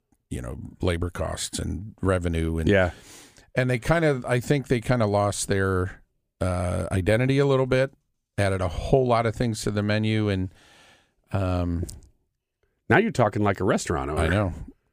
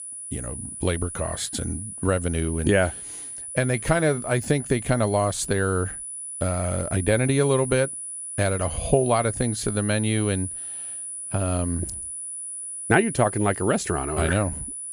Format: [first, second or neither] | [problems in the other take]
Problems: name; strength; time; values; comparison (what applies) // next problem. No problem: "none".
first | high-pitched whine; loud; throughout; 10 kHz, 8 dB below the speech